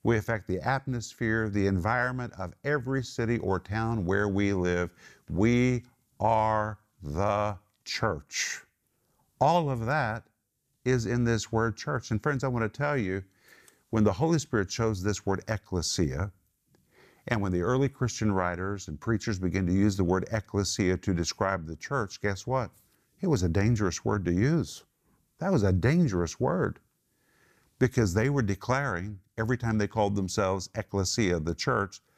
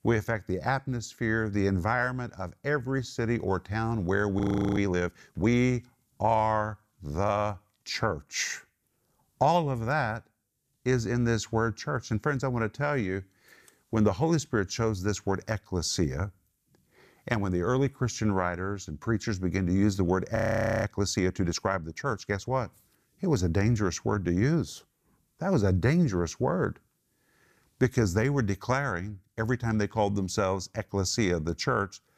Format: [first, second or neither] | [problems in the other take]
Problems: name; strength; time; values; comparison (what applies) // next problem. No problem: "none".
first | audio freezing; at 4.5 s and at 20 s